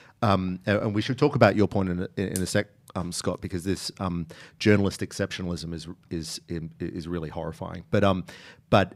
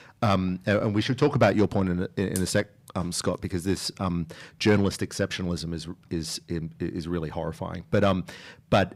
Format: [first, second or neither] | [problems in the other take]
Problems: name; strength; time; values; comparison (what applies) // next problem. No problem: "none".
first | distortion; slight; 10 dB below the speech